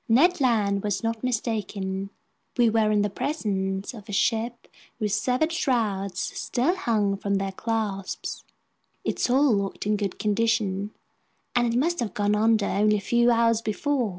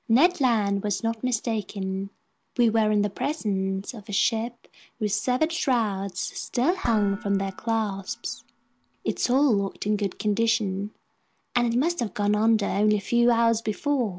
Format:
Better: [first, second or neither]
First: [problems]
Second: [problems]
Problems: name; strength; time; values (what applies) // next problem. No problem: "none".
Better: first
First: none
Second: background sound (Dishes, pots, and pans); 17 dB below the speech